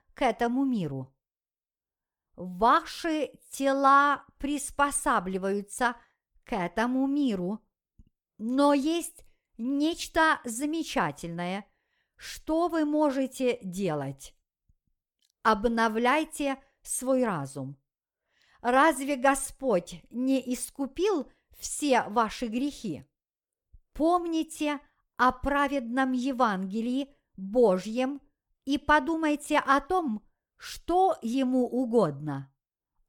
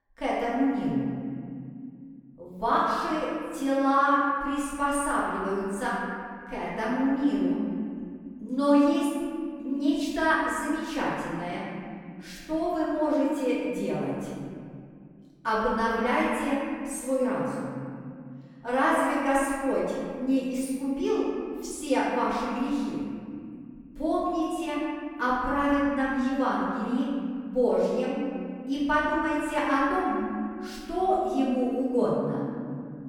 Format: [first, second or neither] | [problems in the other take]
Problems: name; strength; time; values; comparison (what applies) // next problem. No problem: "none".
first | room echo; strong; dies away in 2.3 s // off-mic speech; far